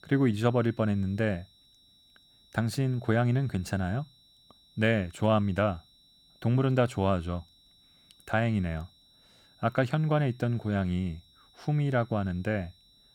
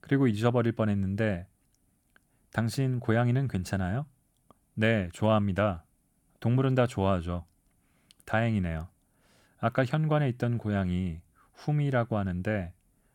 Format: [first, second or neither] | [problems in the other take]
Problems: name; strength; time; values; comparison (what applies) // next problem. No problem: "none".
second | high-pitched whine; faint; throughout; 4 kHz, 30 dB below the speech